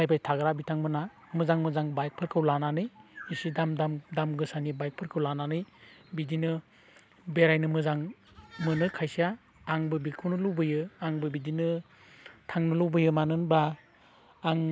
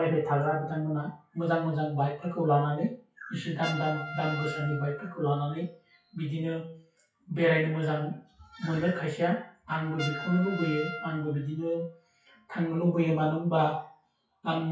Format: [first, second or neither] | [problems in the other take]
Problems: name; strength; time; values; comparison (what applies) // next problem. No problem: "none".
first | noise reduction (classical method WPE with log-MMSE)